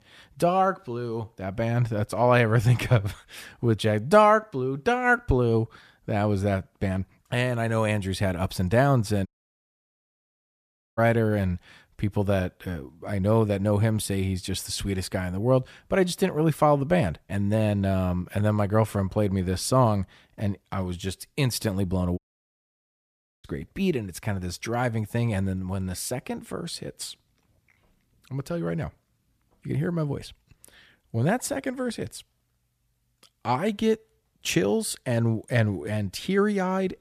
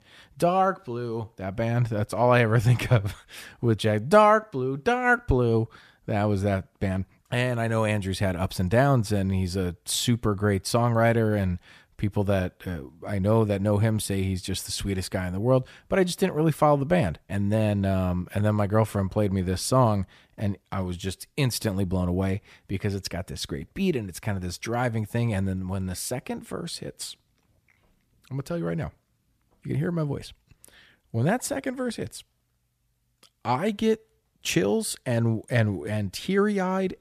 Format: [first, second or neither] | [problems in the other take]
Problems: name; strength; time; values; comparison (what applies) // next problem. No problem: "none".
second | audio cutting out; at 9.5 s for 1.5 s and at 22 s for 1.5 s